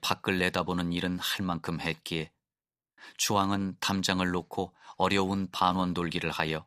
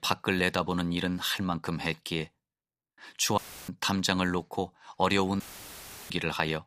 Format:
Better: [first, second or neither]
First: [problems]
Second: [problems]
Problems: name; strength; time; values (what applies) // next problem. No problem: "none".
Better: first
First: none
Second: audio cutting out; filled with static; at 3.5 s and at 5.5 s for 0.5 s